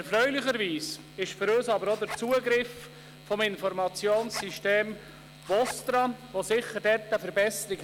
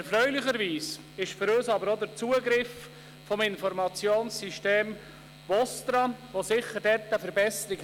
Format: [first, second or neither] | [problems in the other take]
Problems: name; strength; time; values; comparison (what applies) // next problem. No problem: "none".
second | background sound (Zipper (clothing)); 16 dB below the speech